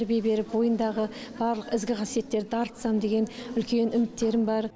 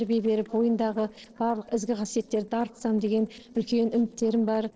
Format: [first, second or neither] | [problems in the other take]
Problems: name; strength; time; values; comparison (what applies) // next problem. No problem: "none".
first | noise reduction (neural separator model SepFormer DNS4)